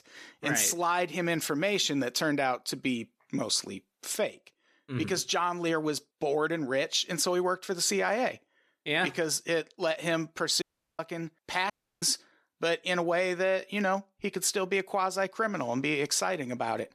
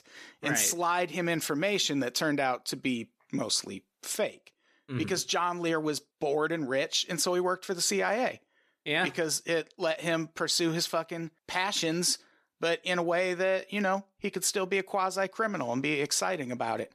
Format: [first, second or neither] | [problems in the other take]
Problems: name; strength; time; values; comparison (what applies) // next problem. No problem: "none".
second | audio cutting out; at 11 s and at 12 s